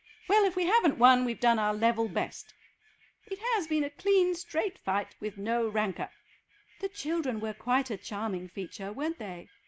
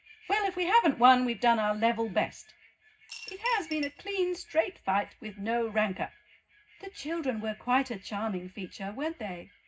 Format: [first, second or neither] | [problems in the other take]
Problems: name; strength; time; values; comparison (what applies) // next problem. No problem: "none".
first | background sound (Coin (dropping) / Glass); 14 dB below the speech // room echo; dies away in 0.4 s